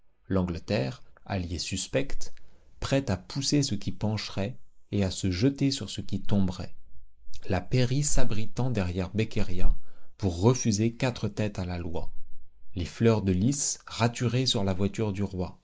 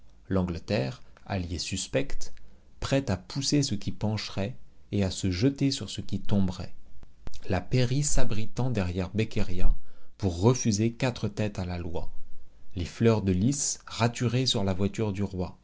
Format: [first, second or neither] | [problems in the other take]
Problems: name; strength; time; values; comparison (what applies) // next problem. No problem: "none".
second | noise reduction (neural mask model Resemble Enhance denoiser)